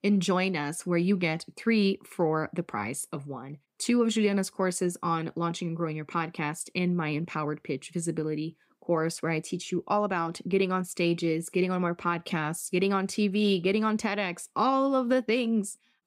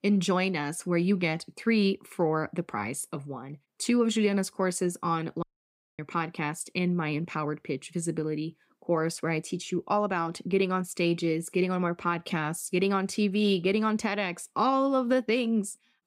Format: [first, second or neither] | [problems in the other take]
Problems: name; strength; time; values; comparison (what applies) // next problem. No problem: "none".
first | audio cutting out; at 5.5 s for 0.5 s